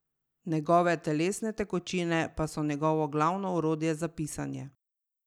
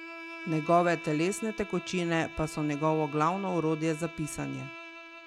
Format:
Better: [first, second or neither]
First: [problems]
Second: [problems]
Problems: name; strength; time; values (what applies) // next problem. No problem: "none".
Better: first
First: none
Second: background sound (Bowed string instrument); 14 dB below the speech